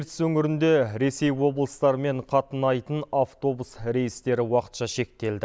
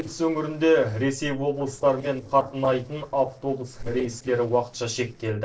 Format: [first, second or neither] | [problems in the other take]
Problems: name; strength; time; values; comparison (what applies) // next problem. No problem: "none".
first | noise reduction (neural separator model SepFormer DNS4)